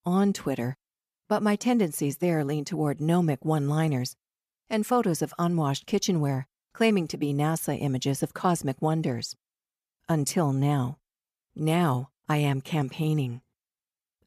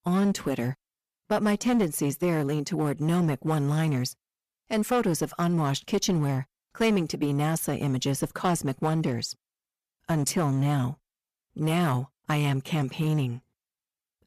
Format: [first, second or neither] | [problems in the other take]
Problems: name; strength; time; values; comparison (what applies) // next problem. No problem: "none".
first | distortion; slight; 7% of the sound clipped